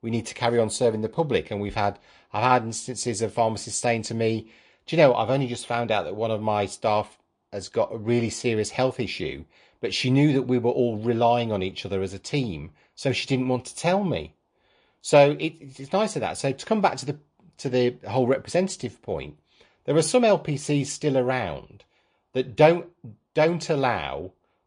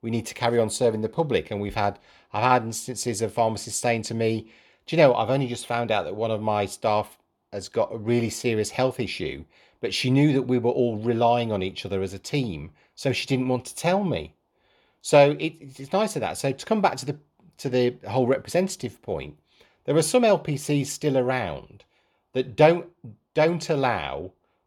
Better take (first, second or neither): second